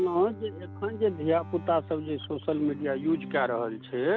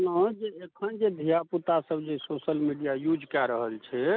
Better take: second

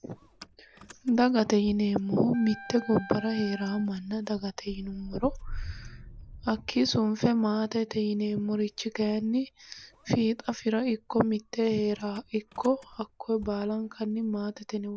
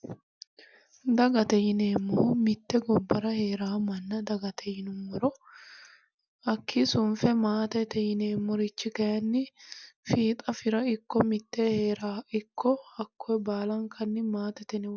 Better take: second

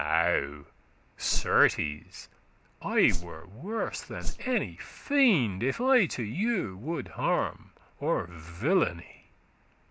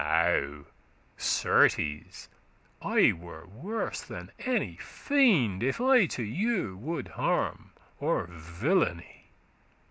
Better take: second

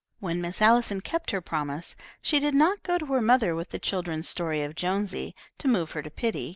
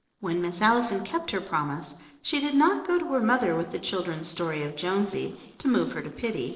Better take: first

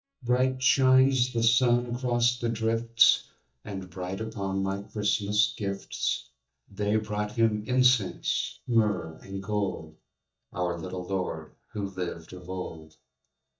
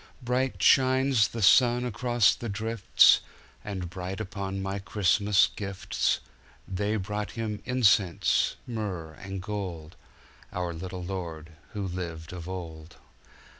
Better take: second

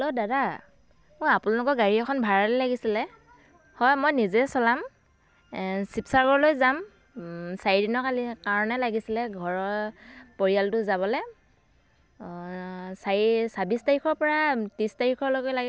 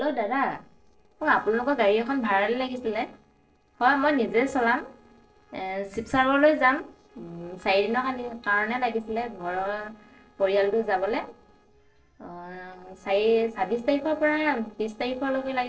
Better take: first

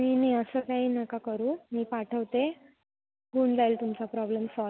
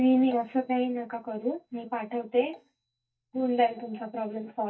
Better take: first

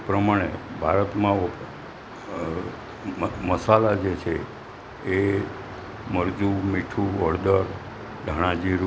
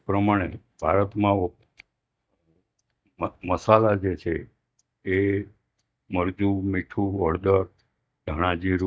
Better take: first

